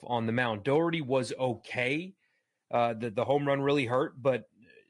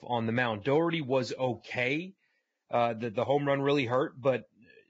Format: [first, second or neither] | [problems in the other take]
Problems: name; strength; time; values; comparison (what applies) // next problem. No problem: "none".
first | garbled, watery; badly; nothing above 7.5 kHz; slightly in the first